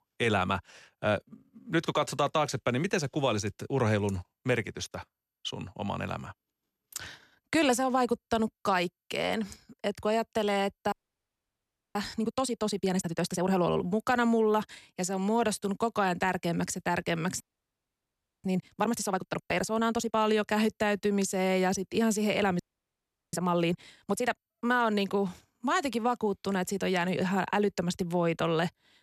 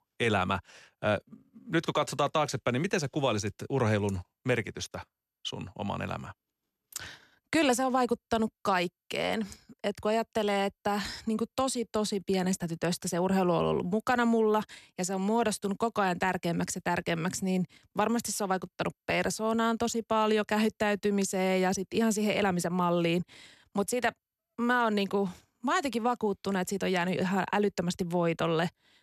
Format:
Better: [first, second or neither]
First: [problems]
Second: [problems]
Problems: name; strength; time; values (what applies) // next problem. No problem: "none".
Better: second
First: audio freezing; at 11 s for 1 s, at 17 s for 1 s and at 23 s for 0.5 s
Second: none